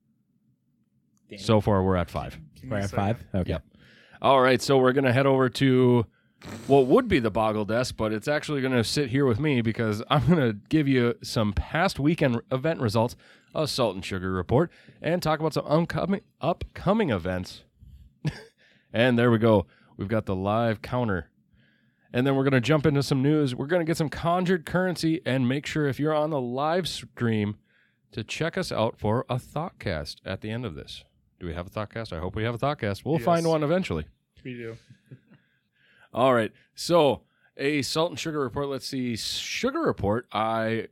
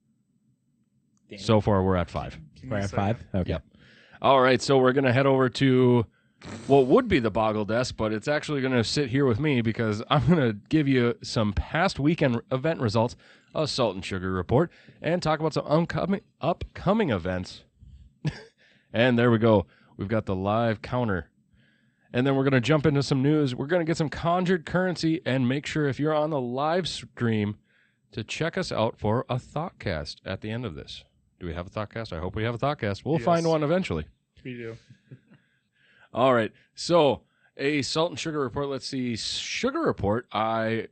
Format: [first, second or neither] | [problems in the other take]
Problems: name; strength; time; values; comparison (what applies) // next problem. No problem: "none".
first | garbled, watery; slightly; nothing above 8.5 kHz